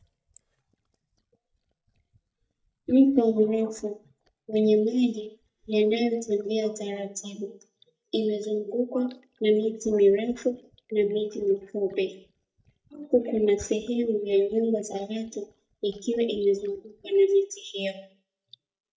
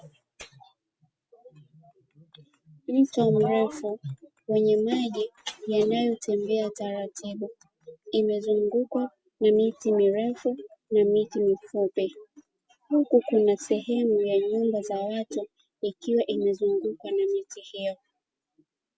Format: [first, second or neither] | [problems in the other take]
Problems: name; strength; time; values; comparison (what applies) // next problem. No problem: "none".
second | noise reduction (neural mask model DeepFilterNet 3)